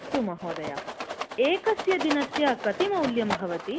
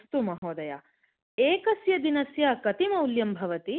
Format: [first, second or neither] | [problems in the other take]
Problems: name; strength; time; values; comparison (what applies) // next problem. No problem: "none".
second | background sound (Rattle); 7 dB below the speech